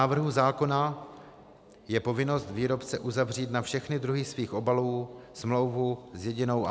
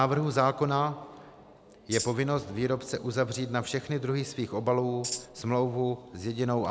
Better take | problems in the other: first | background sound (Tambourine); 8 dB below the speech

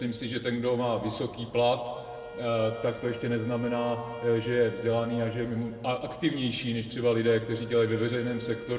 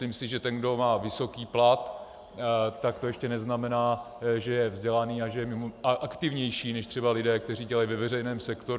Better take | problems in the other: second | background sound (Wind instrument, woodwind instrument); 15 dB below the speech // room echo; dies away in 1.7 s

